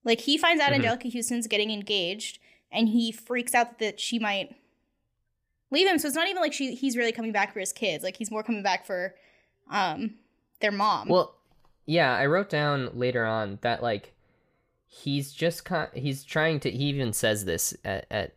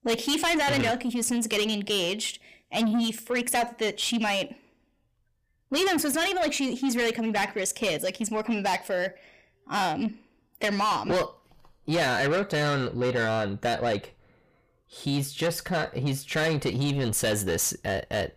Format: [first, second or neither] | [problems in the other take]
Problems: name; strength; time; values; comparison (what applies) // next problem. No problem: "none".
first | distortion; heavy; 7 dB below the speech